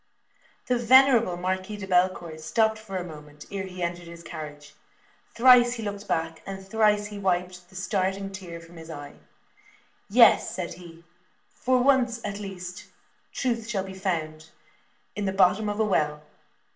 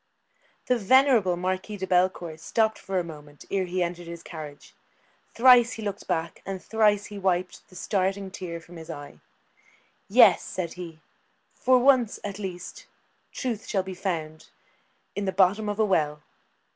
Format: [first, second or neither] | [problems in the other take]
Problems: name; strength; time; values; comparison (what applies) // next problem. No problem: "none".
second | room echo; dies away in 0.4 s